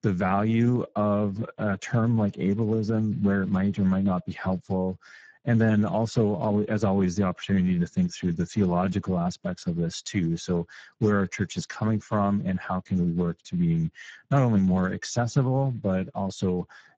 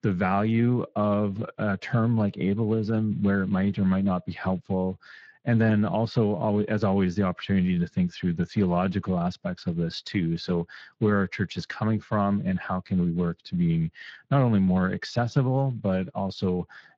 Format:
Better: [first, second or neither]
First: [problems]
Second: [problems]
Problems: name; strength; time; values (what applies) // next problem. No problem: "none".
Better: second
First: garbled, watery; badly; nothing above 7.5 kHz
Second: garbled, watery; slightly; nothing above 16 kHz